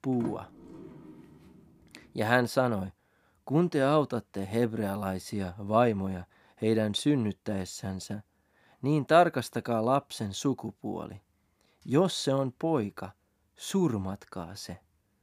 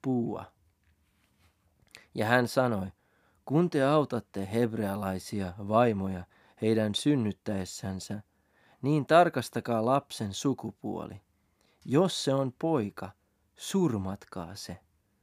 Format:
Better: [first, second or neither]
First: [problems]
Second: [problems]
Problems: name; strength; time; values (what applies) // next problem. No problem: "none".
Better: second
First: door banging; faint; until 1 s; peak 10 dB below the speech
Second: none